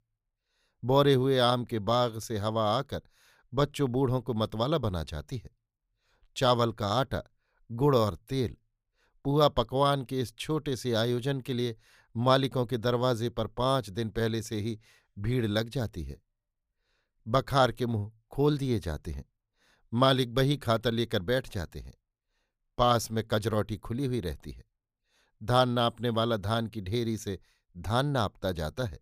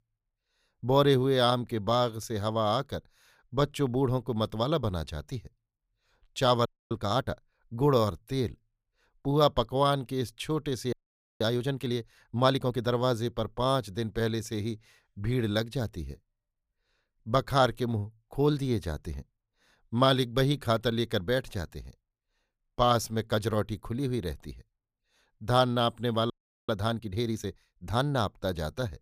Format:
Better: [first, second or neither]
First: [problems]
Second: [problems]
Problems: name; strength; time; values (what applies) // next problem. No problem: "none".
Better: first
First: none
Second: audio freezing; at 6.5 s, at 11 s and at 26 s